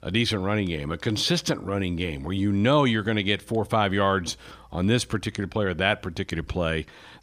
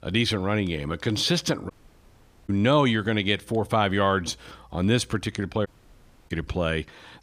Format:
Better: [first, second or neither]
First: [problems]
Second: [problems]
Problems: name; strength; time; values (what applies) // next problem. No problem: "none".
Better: first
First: none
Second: audio cutting out; at 1.5 s for 1 s and at 5.5 s for 0.5 s